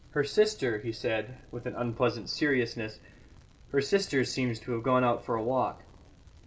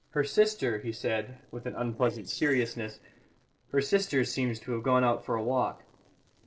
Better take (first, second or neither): first